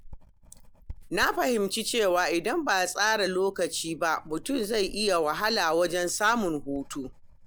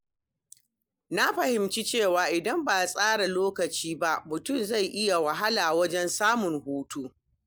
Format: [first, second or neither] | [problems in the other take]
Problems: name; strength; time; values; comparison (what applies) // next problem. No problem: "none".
second | background sound (Writing); 18 dB below the speech